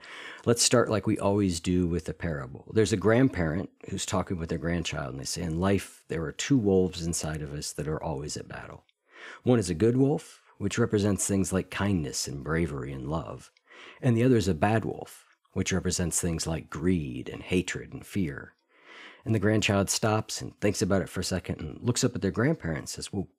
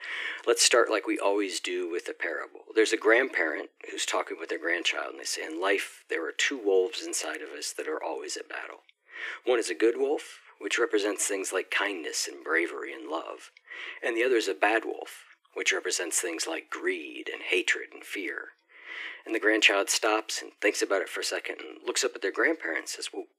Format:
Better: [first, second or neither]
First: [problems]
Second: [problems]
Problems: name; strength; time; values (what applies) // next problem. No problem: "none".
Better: first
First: none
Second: thin; very; fading below 300 Hz